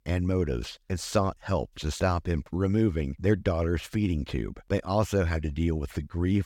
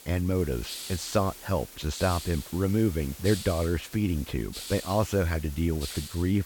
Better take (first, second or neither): first